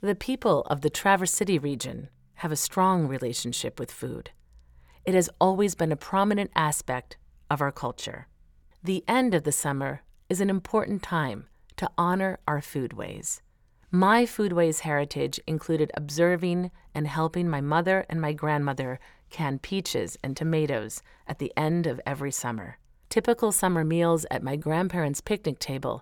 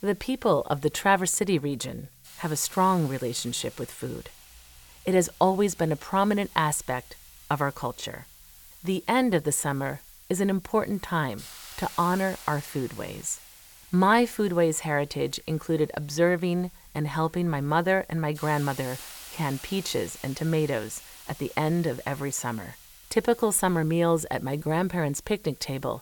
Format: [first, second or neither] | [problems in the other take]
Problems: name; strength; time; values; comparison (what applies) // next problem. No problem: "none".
first | hiss; noticeable; throughout; 20 dB below the speech